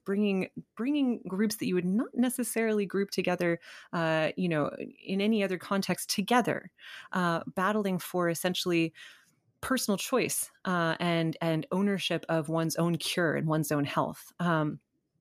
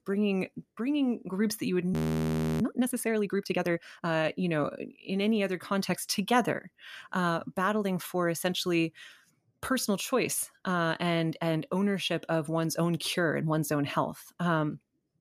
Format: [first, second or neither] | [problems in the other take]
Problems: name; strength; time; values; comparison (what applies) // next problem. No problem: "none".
first | audio freezing; at 2 s for 0.5 s